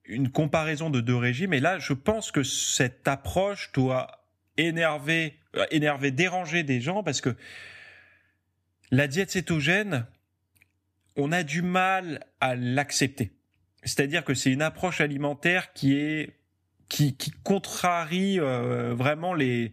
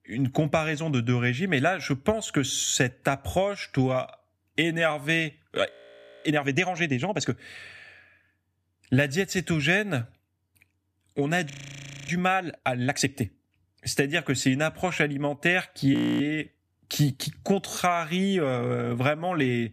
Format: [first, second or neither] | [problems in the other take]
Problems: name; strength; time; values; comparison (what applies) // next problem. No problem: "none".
first | audio freezing; at 5.5 s for 0.5 s, at 12 s for 0.5 s and at 16 s